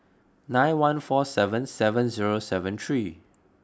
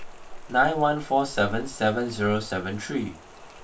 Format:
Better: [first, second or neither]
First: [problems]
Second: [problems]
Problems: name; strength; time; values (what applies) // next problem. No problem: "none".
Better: first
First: none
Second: background sound (Rain); 13 dB below the speech // room echo; dies away in 0.2 s